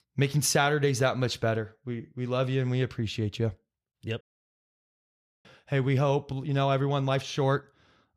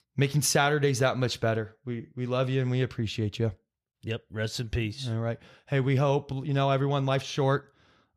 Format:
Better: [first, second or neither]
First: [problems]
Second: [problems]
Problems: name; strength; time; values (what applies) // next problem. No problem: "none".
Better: second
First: audio cutting out; at 4 s for 1 s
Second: none